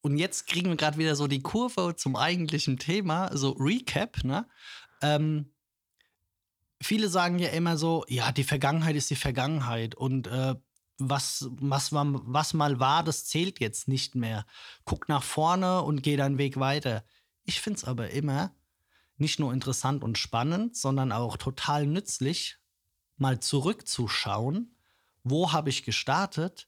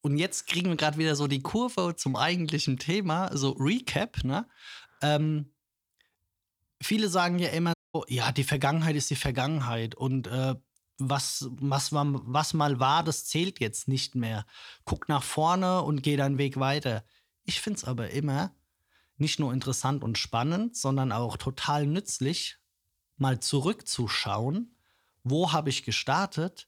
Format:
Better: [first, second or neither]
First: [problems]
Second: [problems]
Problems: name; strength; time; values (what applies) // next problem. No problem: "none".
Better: first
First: none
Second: audio cutting out; at 7.5 s